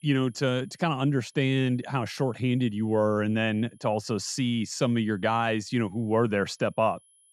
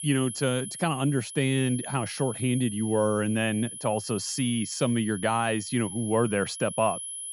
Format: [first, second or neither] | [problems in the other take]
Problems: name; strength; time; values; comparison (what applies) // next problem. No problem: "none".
first | high-pitched whine; loud; throughout; 10.5 kHz, 9 dB below the speech; faint in the first